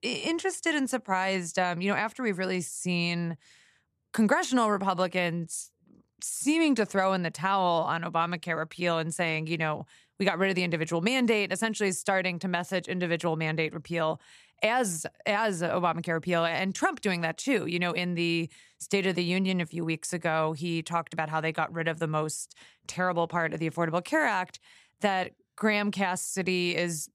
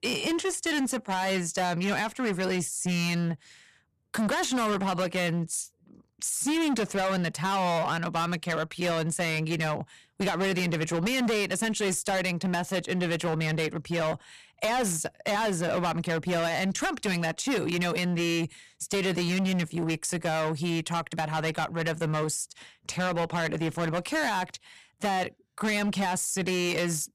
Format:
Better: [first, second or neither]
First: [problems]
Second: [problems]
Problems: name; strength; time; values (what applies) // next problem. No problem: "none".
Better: first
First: none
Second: distortion; heavy; 20% of the sound clipped